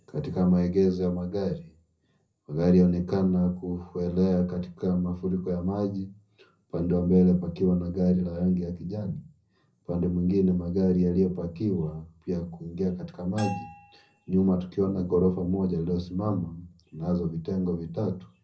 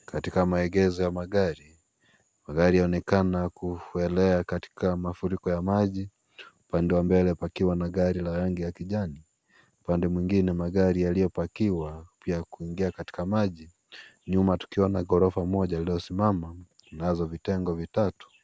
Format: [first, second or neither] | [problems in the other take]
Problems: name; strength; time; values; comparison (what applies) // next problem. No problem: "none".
second | background sound (Bell); 15 dB below the speech // room echo; dies away in 0.4 s